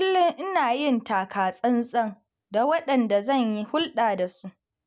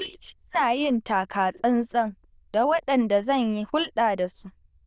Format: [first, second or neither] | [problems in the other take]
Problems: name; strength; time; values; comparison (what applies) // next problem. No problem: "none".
first | noise reduction (neural diffusion model UNIVERSE++)